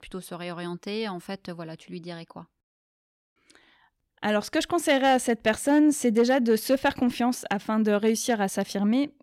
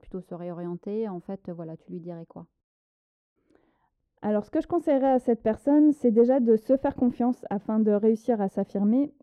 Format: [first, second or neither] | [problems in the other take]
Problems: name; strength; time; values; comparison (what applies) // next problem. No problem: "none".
first | muffled; very; fading above 1.5 kHz